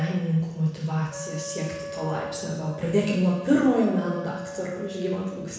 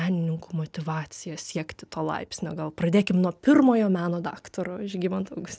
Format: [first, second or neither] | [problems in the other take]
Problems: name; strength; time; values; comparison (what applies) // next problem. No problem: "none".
second | background sound (Wind instrument, woodwind instrument); 13 dB below the speech // room echo; dies away in 1.1 s